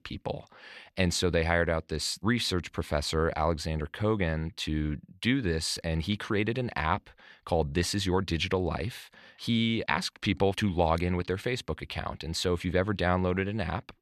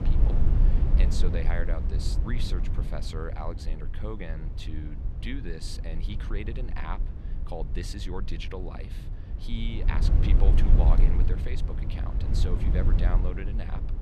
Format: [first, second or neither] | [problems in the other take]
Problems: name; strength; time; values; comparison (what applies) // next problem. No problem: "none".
first | low rumble; loud; throughout; 4 dB below the speech